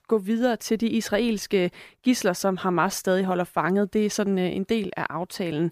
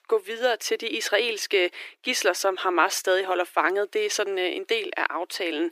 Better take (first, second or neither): first